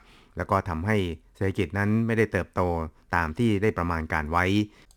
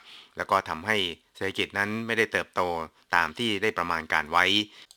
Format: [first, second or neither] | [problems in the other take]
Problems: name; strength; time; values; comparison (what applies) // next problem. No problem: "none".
first | thin; somewhat; fading below 850 Hz